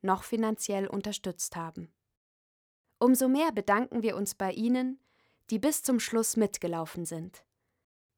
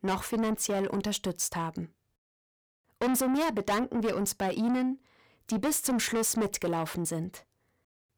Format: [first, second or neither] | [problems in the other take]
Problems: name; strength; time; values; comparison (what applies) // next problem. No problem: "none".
first | distortion; heavy; 6 dB below the speech